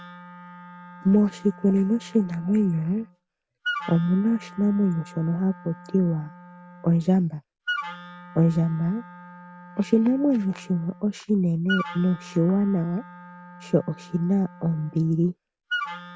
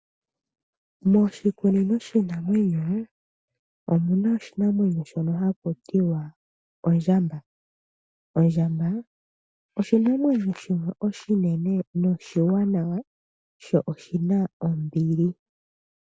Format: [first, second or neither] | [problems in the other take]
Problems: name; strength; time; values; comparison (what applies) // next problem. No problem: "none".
second | background sound (Wind instrument, woodwind instrument); 14 dB below the speech